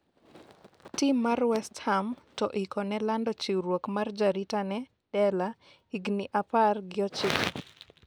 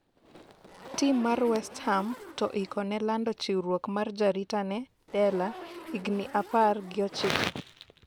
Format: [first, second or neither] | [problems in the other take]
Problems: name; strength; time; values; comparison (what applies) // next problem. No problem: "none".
first | background sound (Zipper (clothing)); 18 dB below the speech